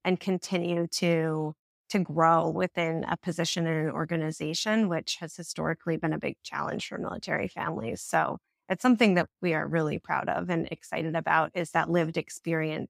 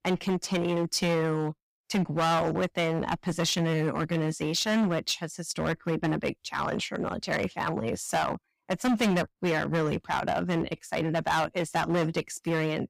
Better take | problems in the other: first | distortion; heavy; 11% of the sound clipped

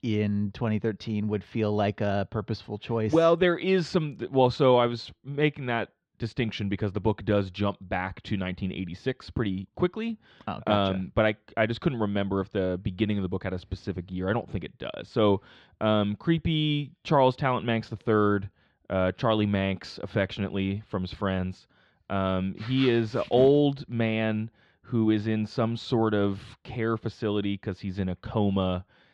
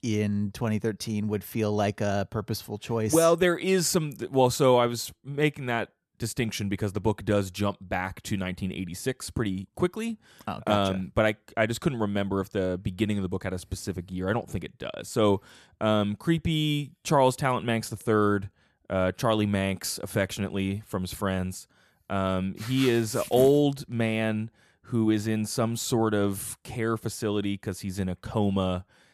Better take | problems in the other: second | muffled; slightly; fading above 4 kHz

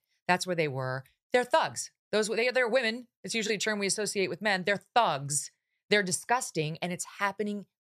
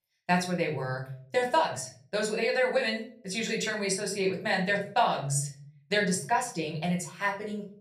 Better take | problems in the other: first | room echo; slight; dies away in 0.4 s // off-mic speech; far

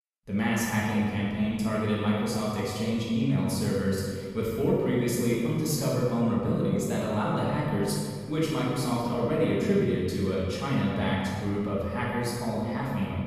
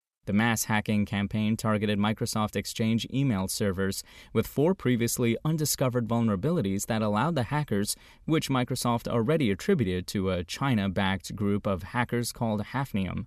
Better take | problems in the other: second | room echo; strong; dies away in 1.7 s // off-mic speech; far

